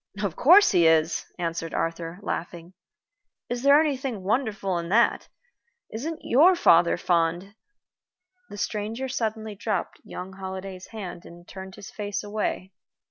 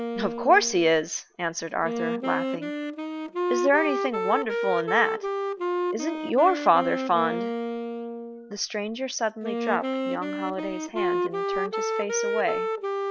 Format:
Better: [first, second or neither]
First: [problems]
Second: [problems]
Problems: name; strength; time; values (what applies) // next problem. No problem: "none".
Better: first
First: none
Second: background sound (Wind instrument, woodwind instrument); 2 dB below the speech